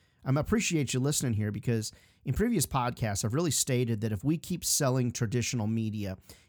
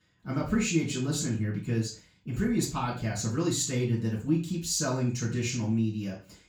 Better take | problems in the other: first | room echo; noticeable; dies away in 0.3 s // off-mic speech; far

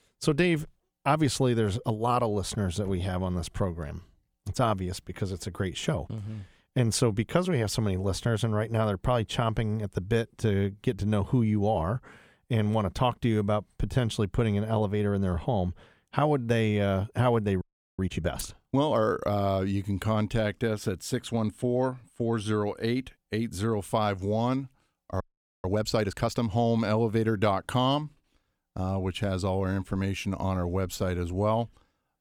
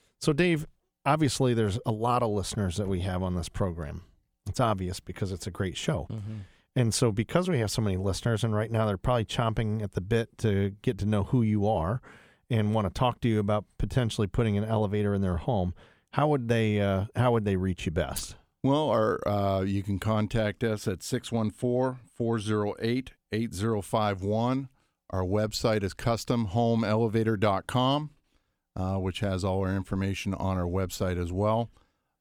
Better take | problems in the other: second | audio freezing; at 18 s and at 25 s

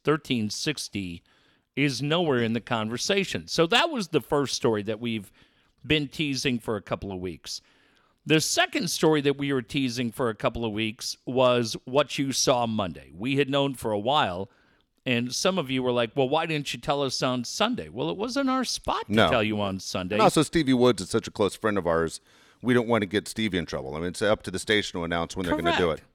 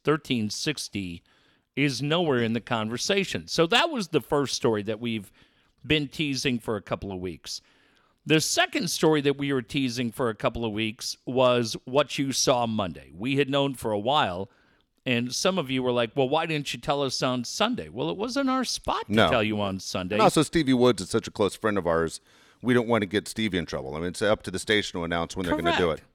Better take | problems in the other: neither | none

